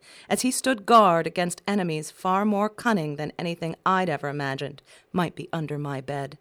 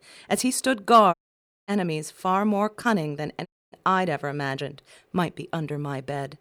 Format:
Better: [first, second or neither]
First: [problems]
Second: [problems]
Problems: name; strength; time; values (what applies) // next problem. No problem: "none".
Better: first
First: none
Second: audio cutting out; at 1 s for 0.5 s and at 3.5 s